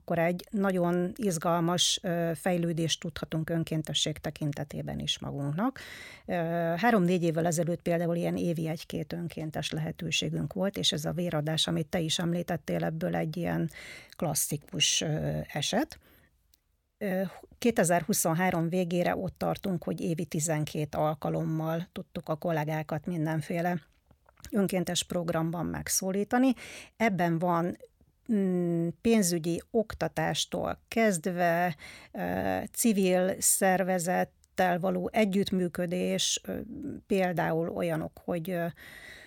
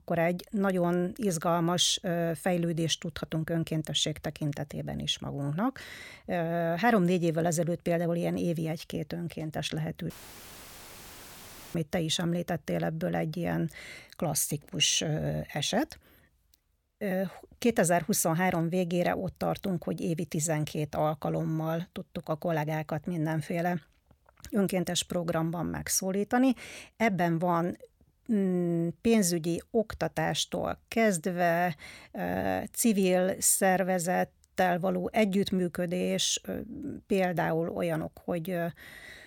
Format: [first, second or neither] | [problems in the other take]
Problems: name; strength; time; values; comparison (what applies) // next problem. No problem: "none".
first | audio cutting out; filled with static; at 10 s for 1.5 s